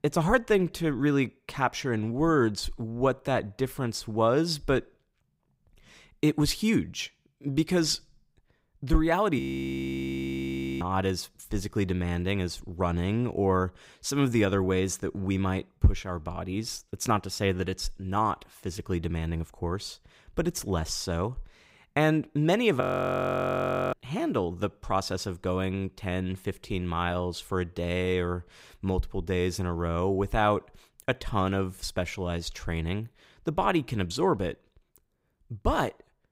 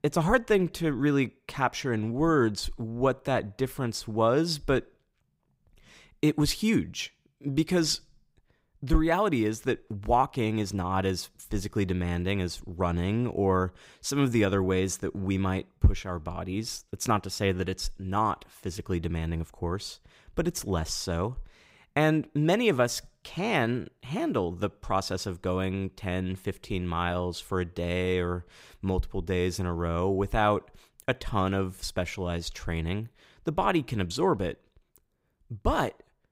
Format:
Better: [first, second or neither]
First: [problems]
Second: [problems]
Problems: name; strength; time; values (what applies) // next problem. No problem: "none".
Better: second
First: audio freezing; at 9.5 s for 1.5 s and at 23 s for 1 s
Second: none